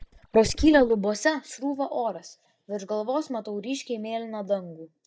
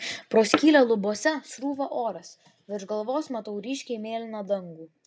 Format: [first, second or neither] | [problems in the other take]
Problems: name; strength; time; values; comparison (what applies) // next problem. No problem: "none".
second | noise reduction (neural mask model DeepFilterNet 3)